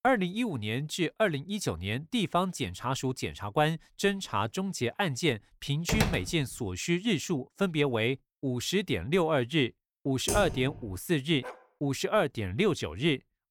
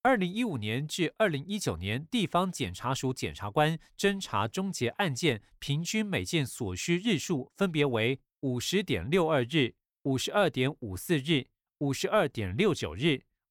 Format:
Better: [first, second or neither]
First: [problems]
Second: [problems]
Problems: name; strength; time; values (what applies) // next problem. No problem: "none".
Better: second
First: door banging; loud; at 6 s; peak level with the speech // keyboard typing; noticeable; at 10 s; peak 2 dB below the speech // dog barking; faint; at 11 s; peak 15 dB below the speech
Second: none